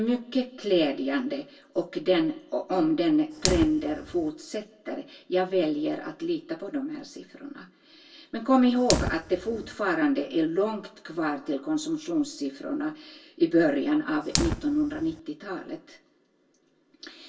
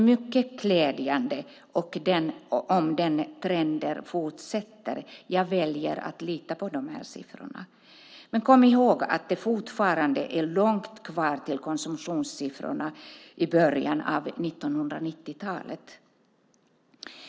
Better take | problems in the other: second | background sound (Fire); 11 dB below the speech // room echo; dies away in 0.2 s

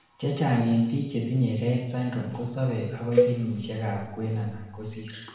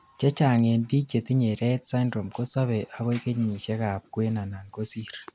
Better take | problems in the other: second | background sound (Cowbell); 2 dB below the speech // room echo; dies away in 0.9 s

